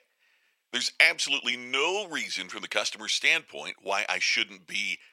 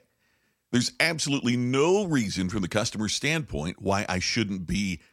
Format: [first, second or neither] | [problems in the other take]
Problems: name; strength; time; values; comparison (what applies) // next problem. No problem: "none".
second | thin; very; fading below 600 Hz